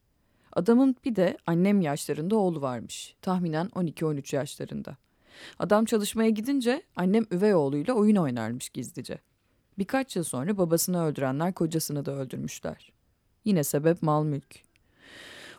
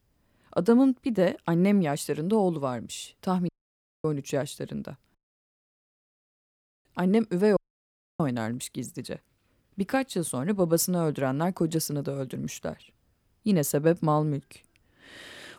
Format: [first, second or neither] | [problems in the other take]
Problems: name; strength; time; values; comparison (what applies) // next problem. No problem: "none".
first | audio cutting out; at 3.5 s for 0.5 s, at 5 s for 1.5 s and at 7.5 s for 0.5 s